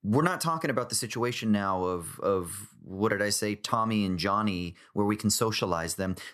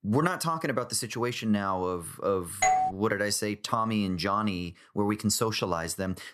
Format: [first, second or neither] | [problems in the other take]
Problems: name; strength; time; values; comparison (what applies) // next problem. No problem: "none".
first | doorbell; loud; at 2.5 s; peak 4 dB above the speech